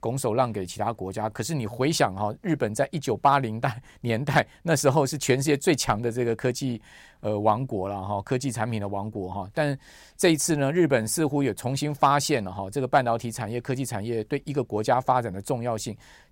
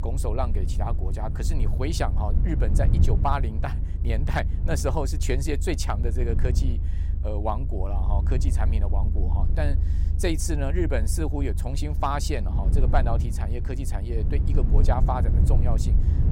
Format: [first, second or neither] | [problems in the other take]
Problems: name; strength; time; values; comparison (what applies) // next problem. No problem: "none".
first | low rumble; noticeable; throughout; 10 dB below the speech